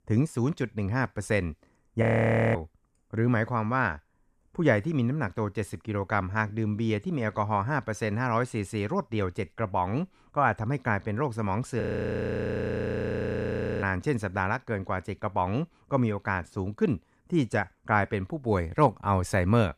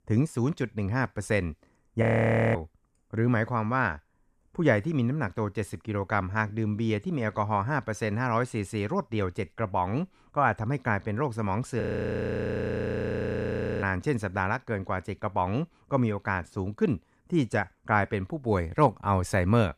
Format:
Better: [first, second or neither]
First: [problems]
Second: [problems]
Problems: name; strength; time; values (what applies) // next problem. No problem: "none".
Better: neither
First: audio freezing; at 2 s for 0.5 s and at 12 s for 2 s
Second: audio freezing; at 2 s for 0.5 s and at 12 s for 2 s